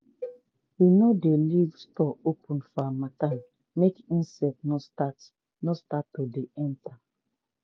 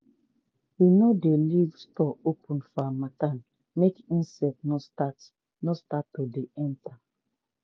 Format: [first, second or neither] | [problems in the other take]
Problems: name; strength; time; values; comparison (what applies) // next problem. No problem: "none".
second | background sound (Cowbell); 19 dB below the speech